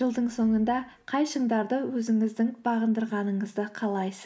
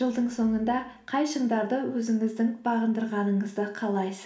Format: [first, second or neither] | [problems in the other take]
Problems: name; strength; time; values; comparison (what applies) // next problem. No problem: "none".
first | room echo; dies away in 0.4 s